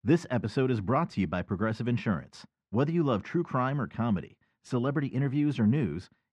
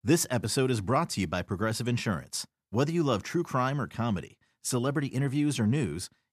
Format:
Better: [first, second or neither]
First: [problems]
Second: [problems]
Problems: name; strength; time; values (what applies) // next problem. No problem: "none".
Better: second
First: muffled; slightly; fading above 2.5 kHz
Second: none